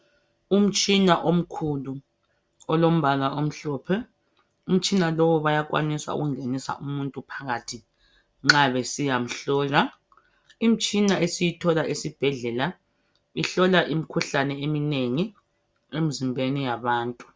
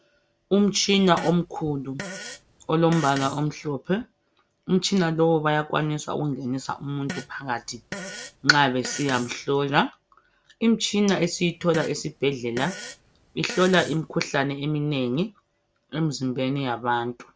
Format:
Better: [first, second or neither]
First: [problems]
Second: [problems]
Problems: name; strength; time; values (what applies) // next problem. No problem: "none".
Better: first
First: none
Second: background sound (Fart); 14 dB below the speech